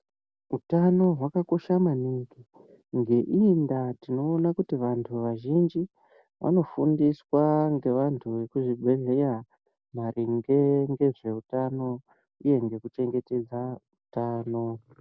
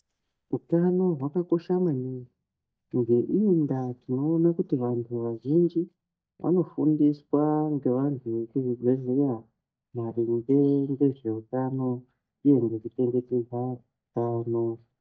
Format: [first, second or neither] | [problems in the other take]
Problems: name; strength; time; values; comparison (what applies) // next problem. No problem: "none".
first | noise reduction (neural mask model DeepFilterNet 3)